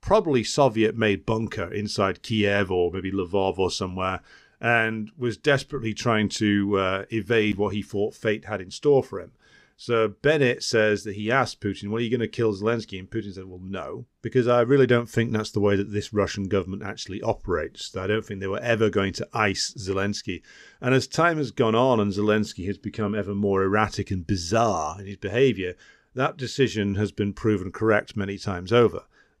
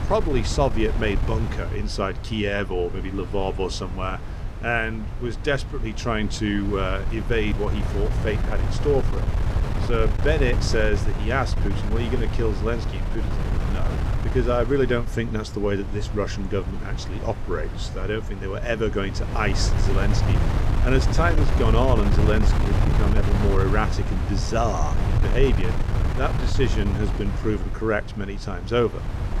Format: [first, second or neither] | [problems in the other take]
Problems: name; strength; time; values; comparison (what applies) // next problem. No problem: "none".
first | wind noise on the microphone; heavy; 8 dB below the speech